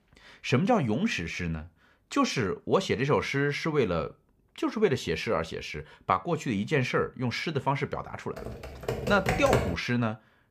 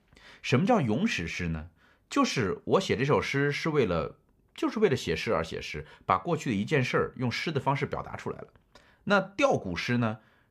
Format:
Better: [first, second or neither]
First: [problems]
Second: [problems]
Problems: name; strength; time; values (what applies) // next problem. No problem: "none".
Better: second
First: keyboard typing; loud; from 8.5 to 10 s; peak 1 dB above the speech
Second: none